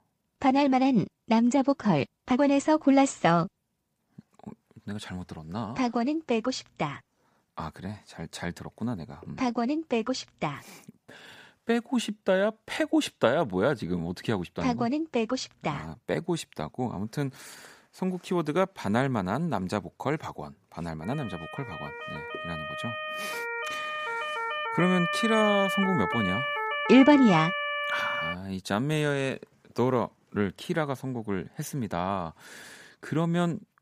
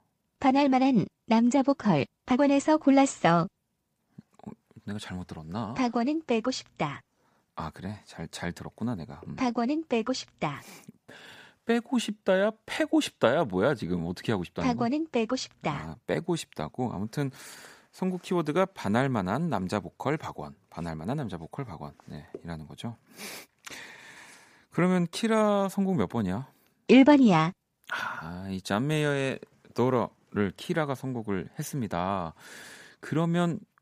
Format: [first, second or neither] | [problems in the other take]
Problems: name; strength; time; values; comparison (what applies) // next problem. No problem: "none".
second | siren; loud; from 21 to 28 s; peak level with the speech